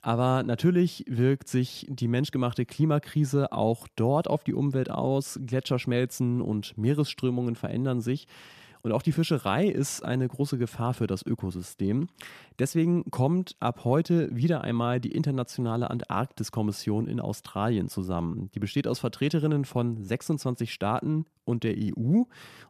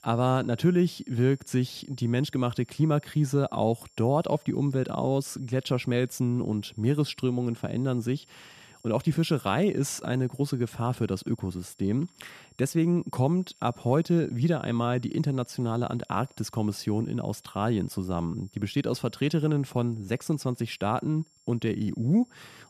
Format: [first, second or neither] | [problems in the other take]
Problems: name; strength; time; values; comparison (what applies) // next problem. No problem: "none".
first | high-pitched whine; faint; throughout; 7.5 kHz, 30 dB below the speech